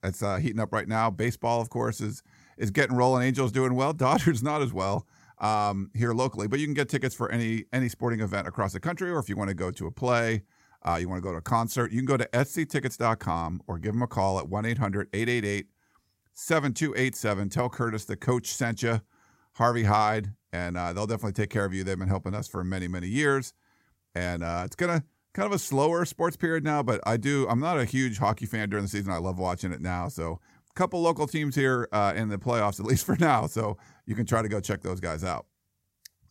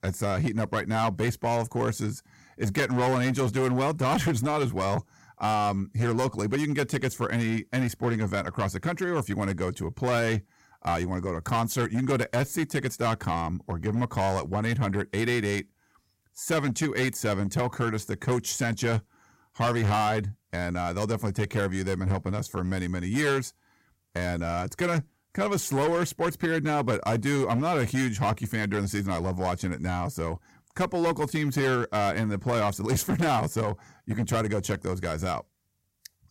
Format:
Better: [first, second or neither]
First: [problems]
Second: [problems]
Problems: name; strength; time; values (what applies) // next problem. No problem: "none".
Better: first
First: none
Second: distortion; slight; 10% of the sound clipped